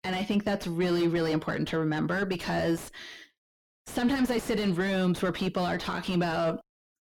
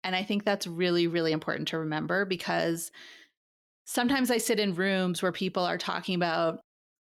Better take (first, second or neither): second